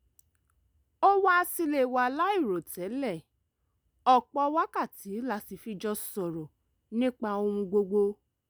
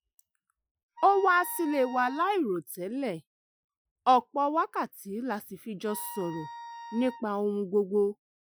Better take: first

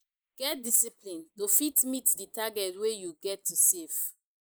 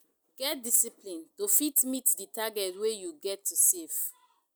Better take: second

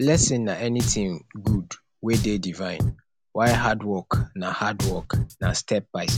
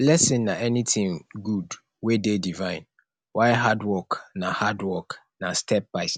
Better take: second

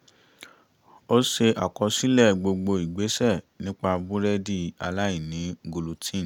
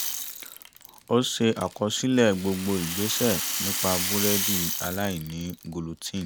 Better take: first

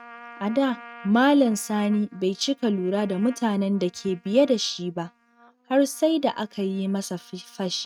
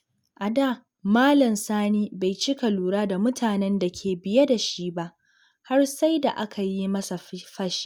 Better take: second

